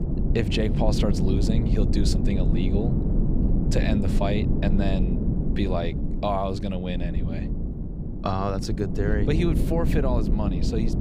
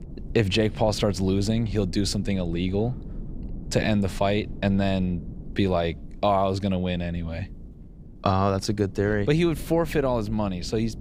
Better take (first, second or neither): second